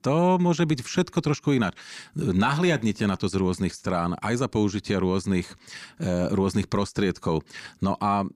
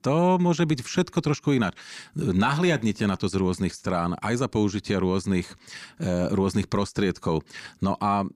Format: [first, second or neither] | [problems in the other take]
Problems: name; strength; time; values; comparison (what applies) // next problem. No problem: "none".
neither | none